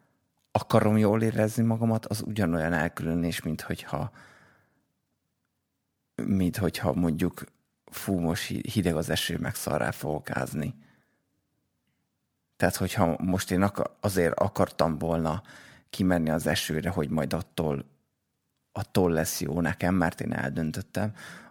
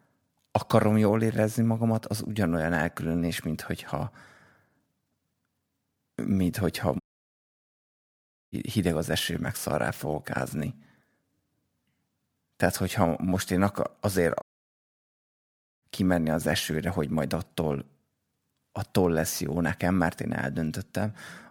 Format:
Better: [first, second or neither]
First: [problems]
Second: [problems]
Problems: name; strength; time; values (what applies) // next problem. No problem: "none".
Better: first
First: none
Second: audio cutting out; at 7 s for 1.5 s and at 14 s for 1.5 s